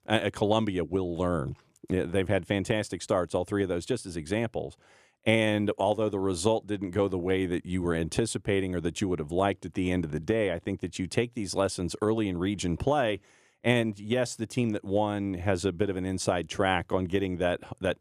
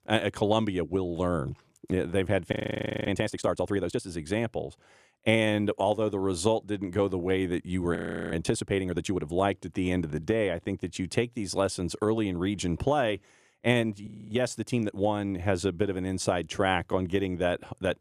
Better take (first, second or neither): first